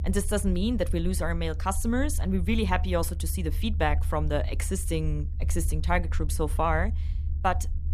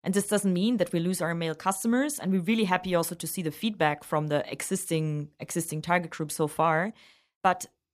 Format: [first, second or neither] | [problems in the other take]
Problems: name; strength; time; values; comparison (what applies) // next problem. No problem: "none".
second | low rumble; noticeable; throughout; 20 dB below the speech